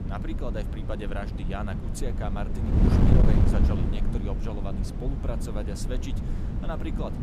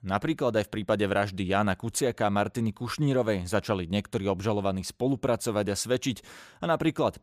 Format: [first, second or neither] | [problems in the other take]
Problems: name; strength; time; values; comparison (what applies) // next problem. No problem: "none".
second | wind noise on the microphone; heavy; 1 dB above the speech